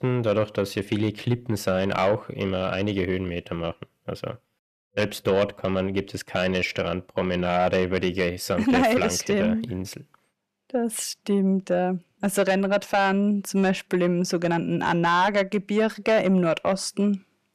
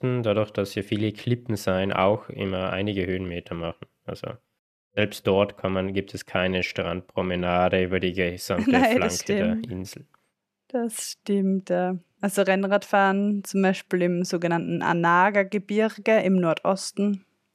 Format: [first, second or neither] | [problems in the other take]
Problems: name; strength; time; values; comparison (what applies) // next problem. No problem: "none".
second | distortion; slight; 10 dB below the speech